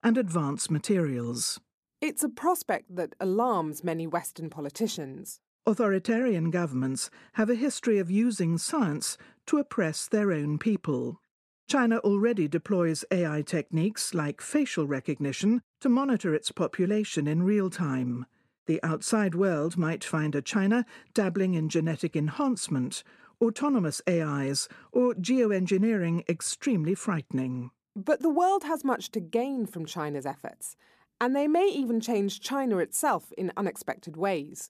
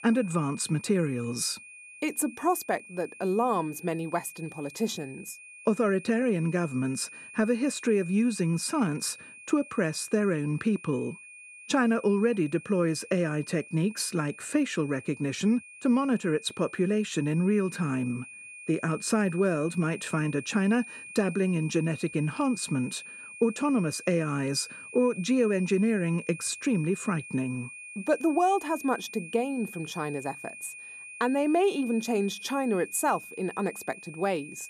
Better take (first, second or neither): first